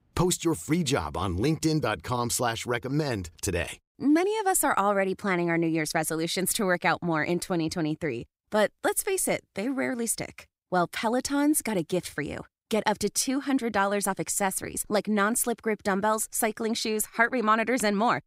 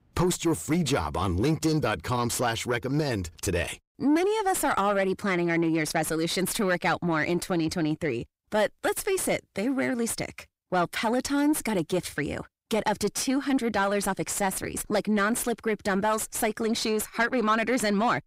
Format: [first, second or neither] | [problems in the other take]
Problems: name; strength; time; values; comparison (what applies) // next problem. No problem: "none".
first | distortion; slight; 10 dB below the speech